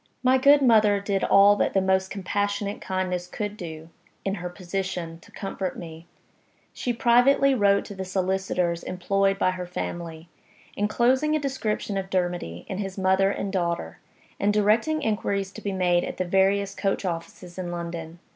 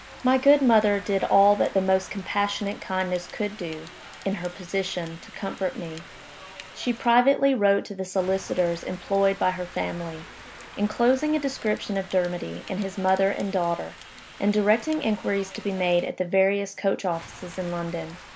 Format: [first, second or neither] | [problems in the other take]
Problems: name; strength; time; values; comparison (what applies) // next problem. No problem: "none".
first | background sound (Rain); 19 dB below the speech